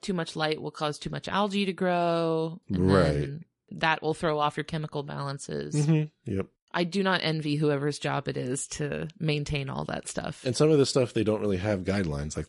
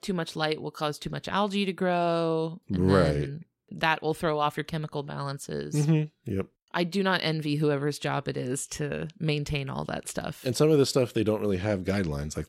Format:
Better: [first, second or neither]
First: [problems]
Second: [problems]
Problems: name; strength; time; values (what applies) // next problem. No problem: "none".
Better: second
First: garbled, watery; slightly; nothing above 11 kHz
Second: none